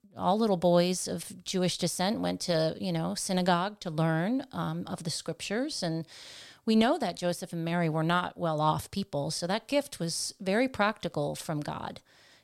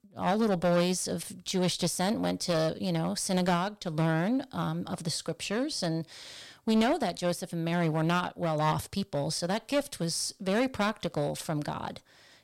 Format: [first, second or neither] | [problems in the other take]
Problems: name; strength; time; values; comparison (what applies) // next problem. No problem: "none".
first | distortion; slight; 6% of the sound clipped